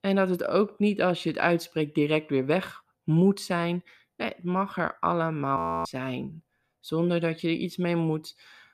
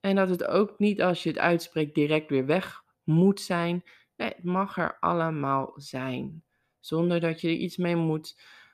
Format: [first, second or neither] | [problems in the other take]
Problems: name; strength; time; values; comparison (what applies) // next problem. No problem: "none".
second | audio freezing; at 5.5 s